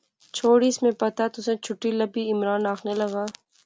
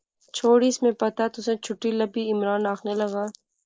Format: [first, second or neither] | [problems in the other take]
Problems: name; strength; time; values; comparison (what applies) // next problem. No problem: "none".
first | noise reduction (neural mask model Resemble Enhance denoiser)